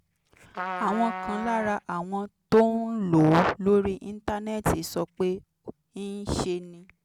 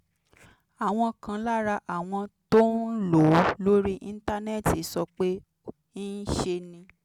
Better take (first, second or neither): second